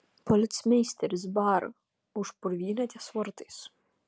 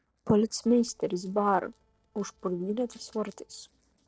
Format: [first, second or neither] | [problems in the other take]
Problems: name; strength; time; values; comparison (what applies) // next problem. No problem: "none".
first | noise reduction (neural separator model SepFormer DNS4)